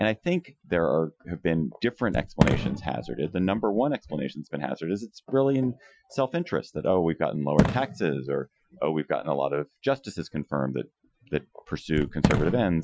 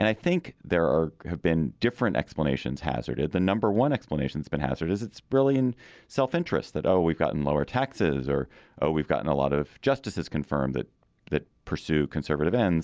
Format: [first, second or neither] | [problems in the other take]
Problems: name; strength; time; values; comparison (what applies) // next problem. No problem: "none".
second | noise reduction (classical method Wiener filter)